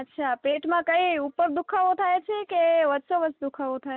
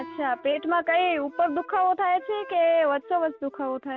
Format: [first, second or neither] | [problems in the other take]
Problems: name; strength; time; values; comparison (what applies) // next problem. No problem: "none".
first | background sound (Guitar + Wind instrument, woodwind instrument); 19 dB below the speech